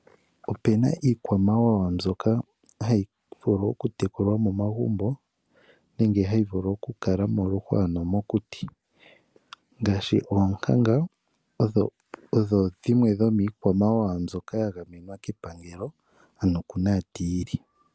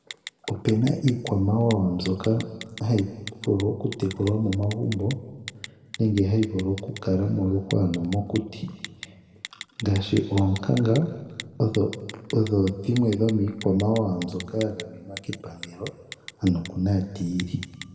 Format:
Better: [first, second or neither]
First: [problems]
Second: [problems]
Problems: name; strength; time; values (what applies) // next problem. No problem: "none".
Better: first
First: none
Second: background sound (Telephone); 18 dB below the speech // room echo; dies away in 1.7 s